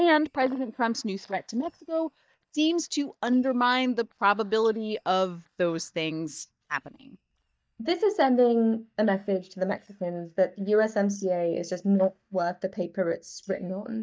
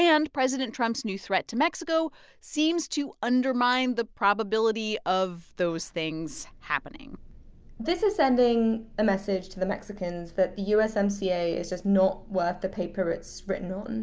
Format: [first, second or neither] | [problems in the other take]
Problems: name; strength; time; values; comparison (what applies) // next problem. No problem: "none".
second | noise reduction (neural mask model DeepFilterNet 3)